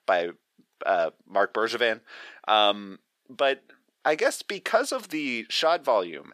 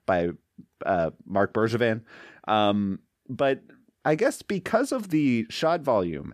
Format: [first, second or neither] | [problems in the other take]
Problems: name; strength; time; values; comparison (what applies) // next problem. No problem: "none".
second | thin; somewhat; fading below 550 Hz